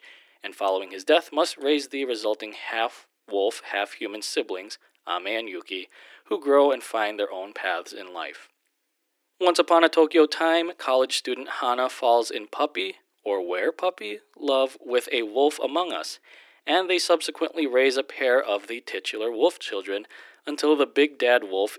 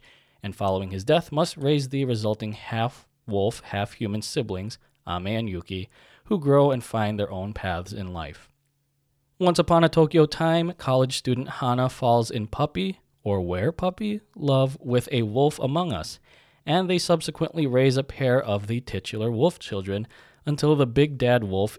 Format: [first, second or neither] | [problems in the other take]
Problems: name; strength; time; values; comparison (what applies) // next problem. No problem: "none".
second | thin; somewhat; fading below 300 Hz